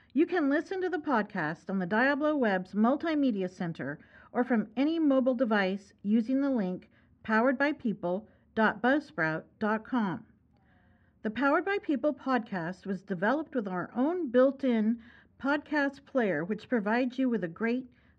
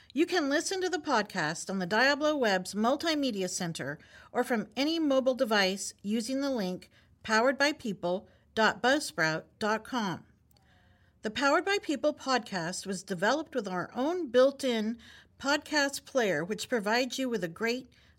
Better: second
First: muffled; very; fading above 2 kHz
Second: none

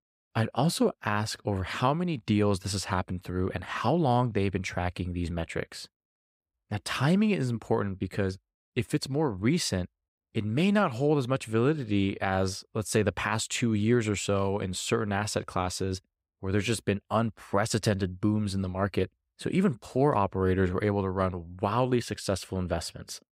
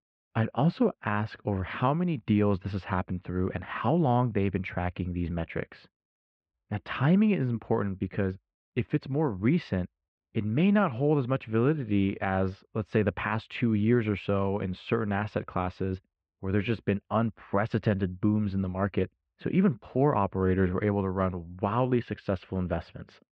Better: first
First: none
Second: muffled; very; fading above 3 kHz

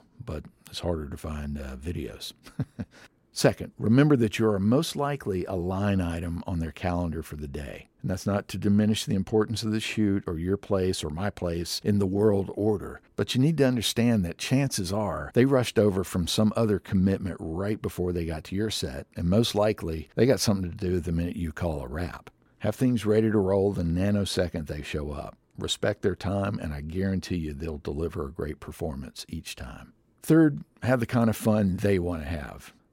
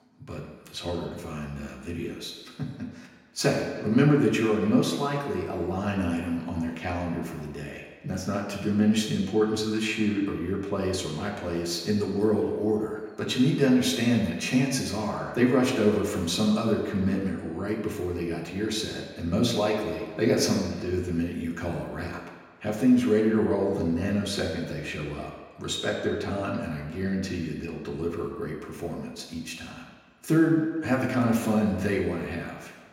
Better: first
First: none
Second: room echo; noticeable; dies away in 1.3 s // off-mic speech; somewhat distant

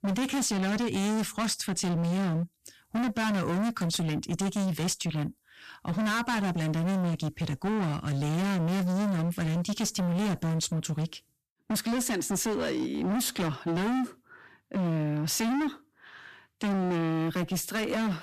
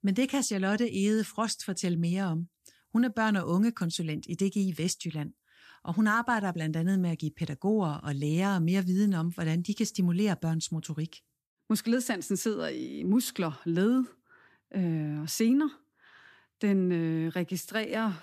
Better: second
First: distortion; heavy; 38% of the sound clipped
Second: none

